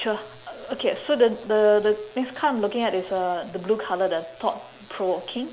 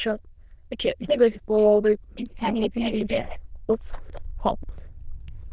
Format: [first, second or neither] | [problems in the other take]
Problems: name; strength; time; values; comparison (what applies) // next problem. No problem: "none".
first | noise reduction (neural diffusion model UNIVERSE++)